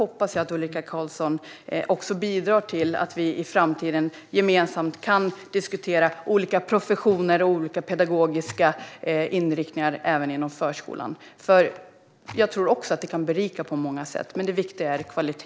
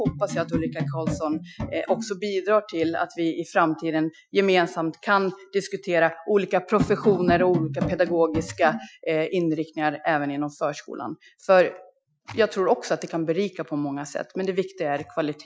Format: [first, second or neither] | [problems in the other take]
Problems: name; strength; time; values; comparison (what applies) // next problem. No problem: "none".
first | noise reduction (classical method Wiener filter)